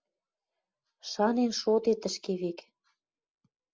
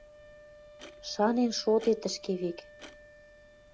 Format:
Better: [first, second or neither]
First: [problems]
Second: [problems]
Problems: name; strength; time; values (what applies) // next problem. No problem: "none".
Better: first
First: none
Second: background sound (Wind instrument, woodwind instrument + Clock); 19 dB below the speech